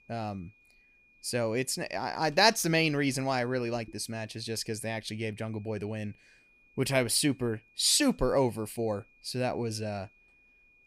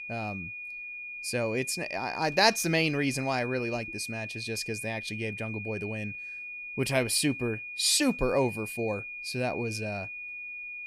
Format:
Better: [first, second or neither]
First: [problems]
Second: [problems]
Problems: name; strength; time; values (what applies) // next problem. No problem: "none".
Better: first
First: high-pitched whine; faint; throughout; 2.5 kHz, 30 dB below the speech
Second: high-pitched whine; loud; throughout; 2.5 kHz, 8 dB below the speech